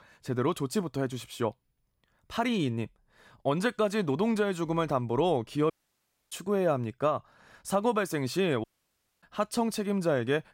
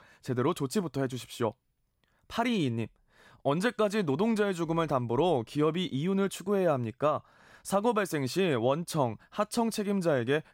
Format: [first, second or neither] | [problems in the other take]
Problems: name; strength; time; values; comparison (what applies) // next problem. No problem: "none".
second | audio cutting out; at 5.5 s for 0.5 s and at 8.5 s for 0.5 s